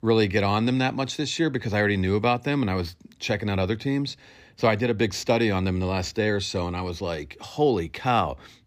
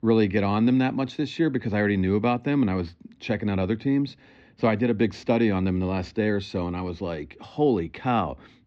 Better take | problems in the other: first | muffled; slightly; fading above 3 kHz

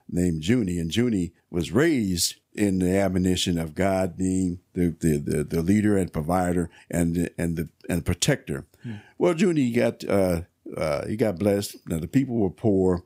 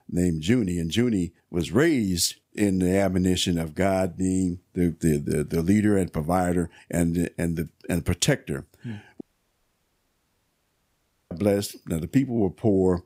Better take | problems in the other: first | audio cutting out; at 9 s for 2 s

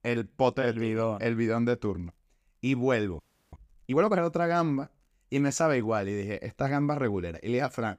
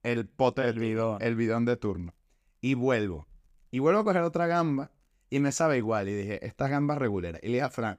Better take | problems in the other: second | audio freezing; at 3 s

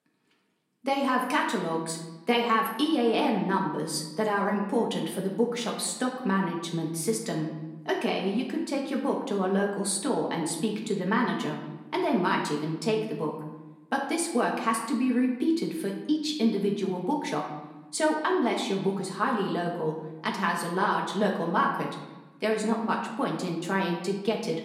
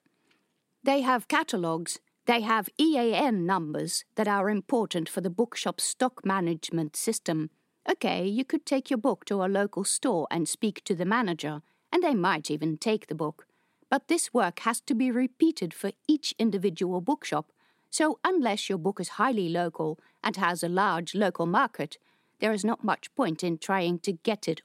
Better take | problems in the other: second | room echo; slight; dies away in 0.9 s // off-mic speech; somewhat distant

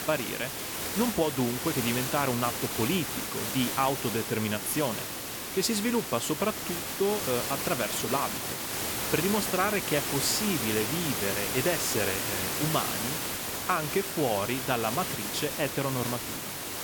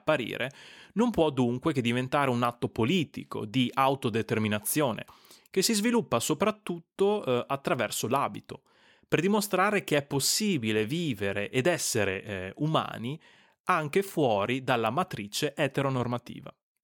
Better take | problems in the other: second | hiss; loud; throughout; 1 dB below the speech

